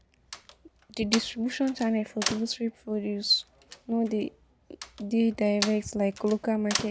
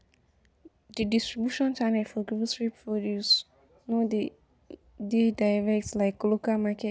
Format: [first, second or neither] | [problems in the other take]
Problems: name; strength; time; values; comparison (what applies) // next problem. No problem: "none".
second | background sound (Slam); 10 dB below the speech